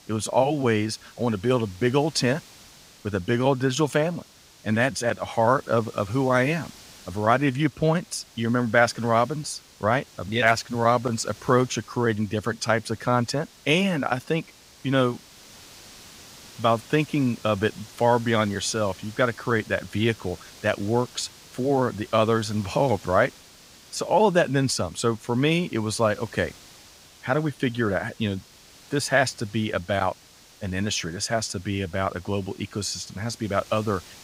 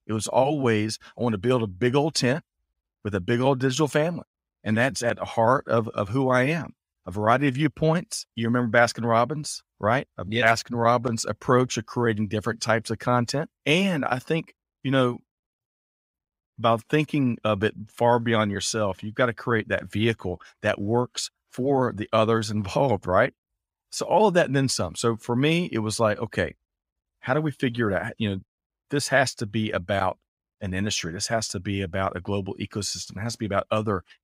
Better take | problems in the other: second | hiss; faint; throughout; 20 dB below the speech

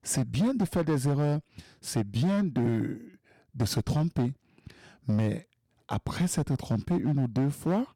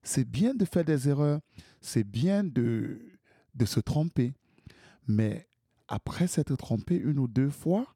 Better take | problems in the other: second | distortion; slight; 10% of the sound clipped

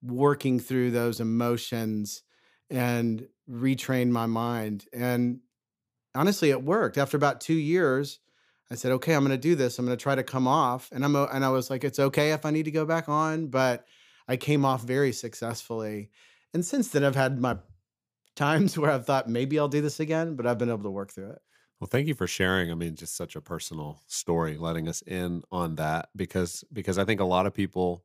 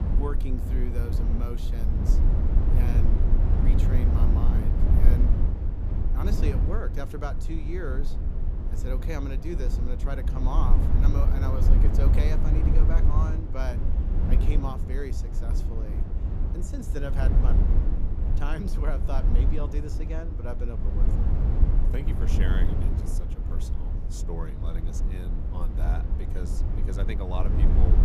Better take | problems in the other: first | low rumble; loud; throughout; 1 dB below the speech

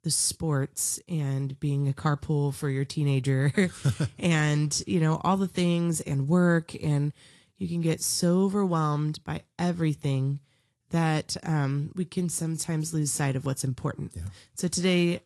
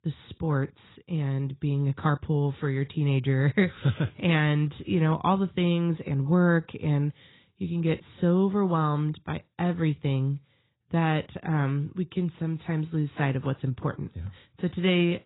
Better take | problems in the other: first | garbled, watery; badly; nothing above 4 kHz; slightly in the first

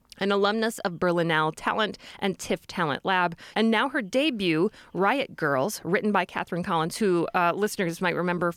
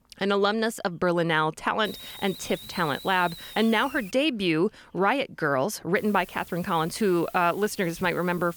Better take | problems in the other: first | hiss; noticeable; from 2 to 4 s and from 6 s on; 15 dB below the speech

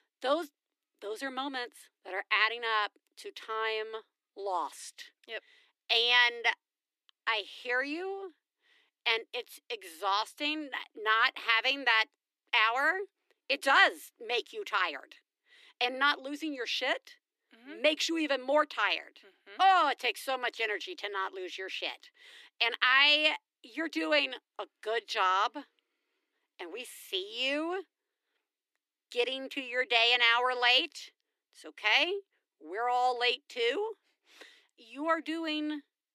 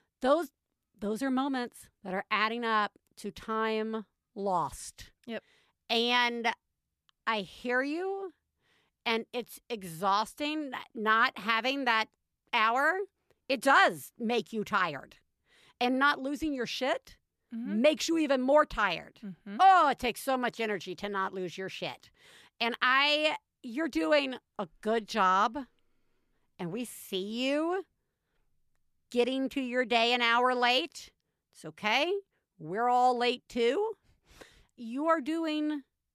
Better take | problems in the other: second | thin; somewhat; fading below 300 Hz

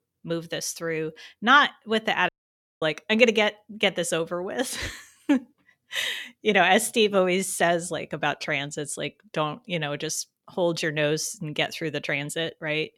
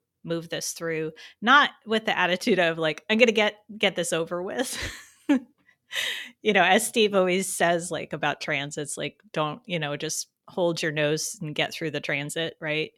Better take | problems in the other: second | audio cutting out; at 2.5 s for 0.5 s

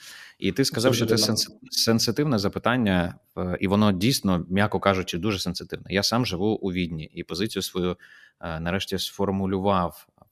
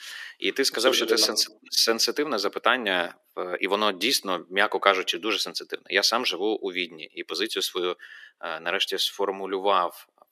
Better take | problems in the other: first | thin; very; fading below 350 Hz

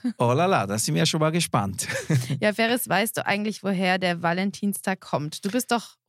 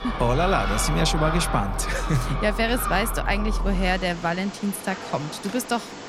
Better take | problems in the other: first | animal sounds; loud; throughout; 5 dB below the speech

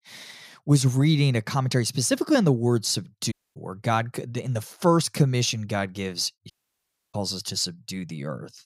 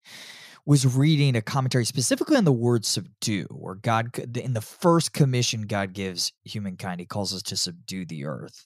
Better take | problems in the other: second | audio cutting out; at 3.5 s and at 6.5 s for 0.5 s

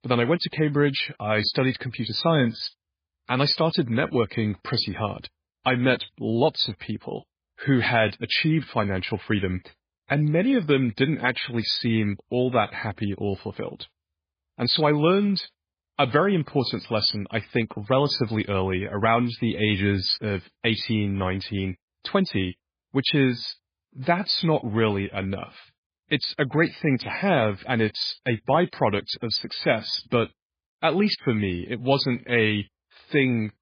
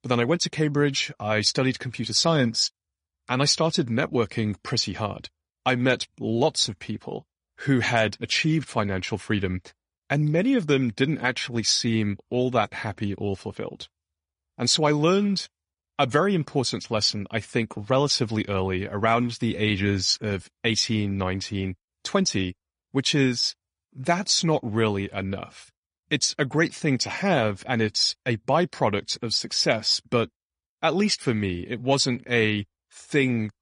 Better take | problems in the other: second | garbled, watery; badly; nothing above 5 kHz; slightly in the second

